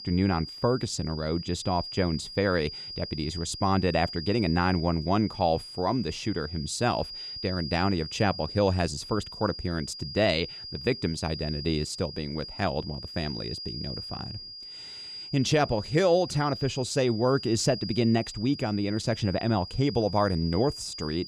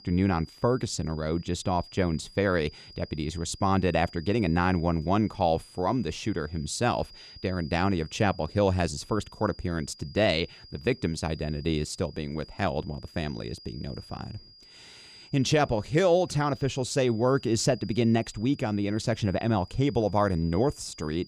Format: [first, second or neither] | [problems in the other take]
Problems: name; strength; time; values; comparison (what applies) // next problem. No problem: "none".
second | high-pitched whine; loud; throughout; 5 kHz, 10 dB below the speech; faint in the second